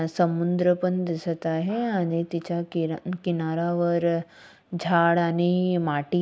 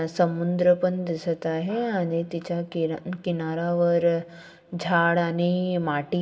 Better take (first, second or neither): first